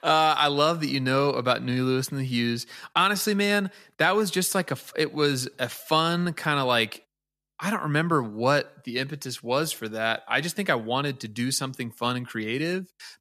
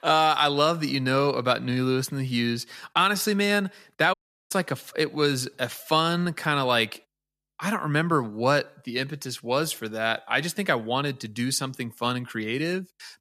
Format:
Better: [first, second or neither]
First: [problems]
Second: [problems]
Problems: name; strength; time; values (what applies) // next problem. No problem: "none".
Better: first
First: none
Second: audio cutting out; at 4 s